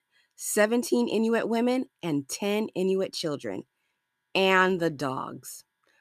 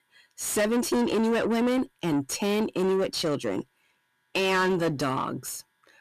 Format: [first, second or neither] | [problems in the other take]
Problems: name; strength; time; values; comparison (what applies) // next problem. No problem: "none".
first | distortion; heavy; 7 dB below the speech